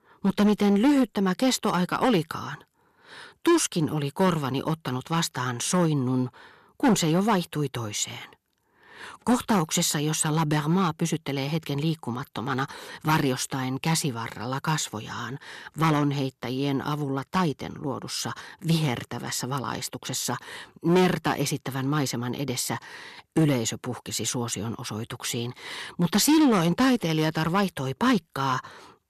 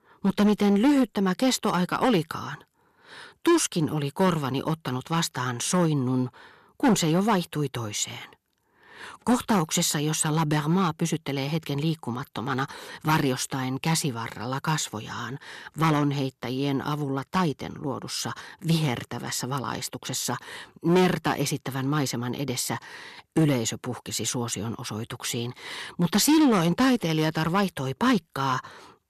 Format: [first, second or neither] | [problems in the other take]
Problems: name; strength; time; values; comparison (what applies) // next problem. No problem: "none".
neither | distortion; slight; 4% of the sound clipped; the same in both